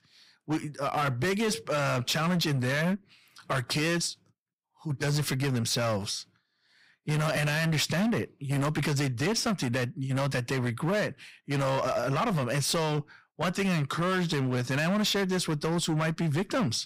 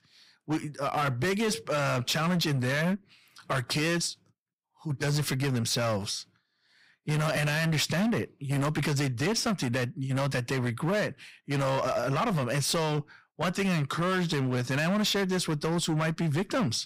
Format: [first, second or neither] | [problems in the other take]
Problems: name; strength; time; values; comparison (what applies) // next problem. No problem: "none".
neither | distortion; heavy; 17% of the sound clipped; the same in both